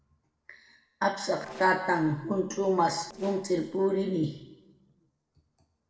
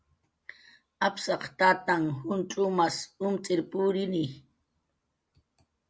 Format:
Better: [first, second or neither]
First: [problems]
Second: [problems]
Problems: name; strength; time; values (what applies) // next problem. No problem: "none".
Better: second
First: noise reduction (neural separator model SepFormer DNS4)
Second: none